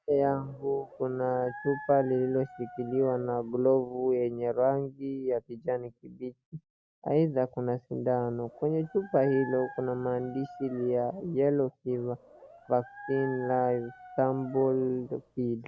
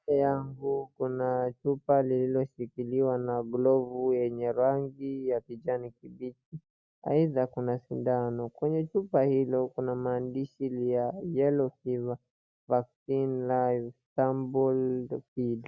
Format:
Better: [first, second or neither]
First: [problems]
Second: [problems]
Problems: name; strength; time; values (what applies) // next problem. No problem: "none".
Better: second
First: background sound (Dog); 17 dB below the speech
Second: none